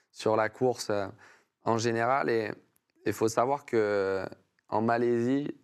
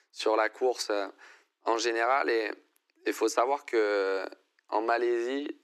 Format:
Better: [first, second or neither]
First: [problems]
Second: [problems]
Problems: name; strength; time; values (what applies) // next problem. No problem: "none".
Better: first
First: none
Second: thin; somewhat; fading below 300 Hz